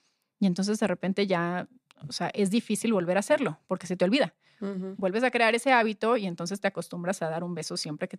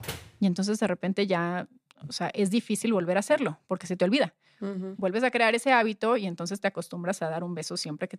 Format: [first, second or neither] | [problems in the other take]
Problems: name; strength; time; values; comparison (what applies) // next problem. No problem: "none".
first | door banging; faint; at the start; peak 10 dB below the speech